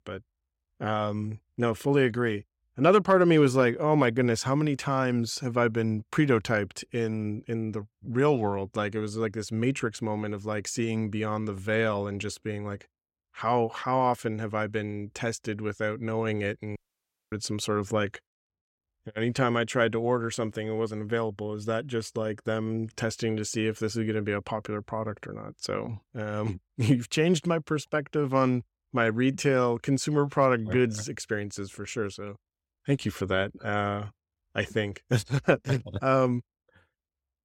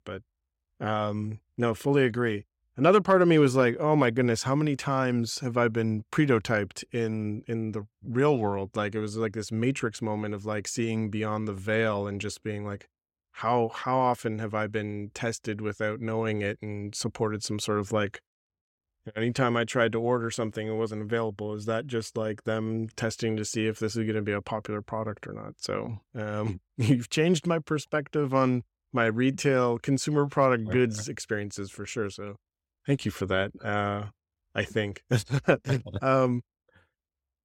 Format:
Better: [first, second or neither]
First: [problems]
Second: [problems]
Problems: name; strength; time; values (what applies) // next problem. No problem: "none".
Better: second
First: audio cutting out; at 17 s for 0.5 s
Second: none